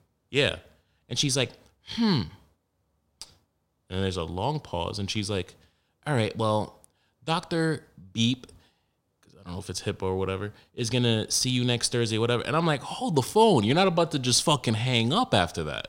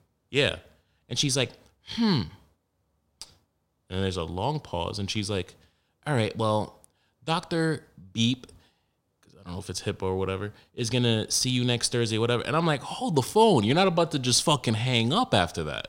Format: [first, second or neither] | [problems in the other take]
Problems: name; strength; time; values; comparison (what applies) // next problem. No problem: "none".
neither | none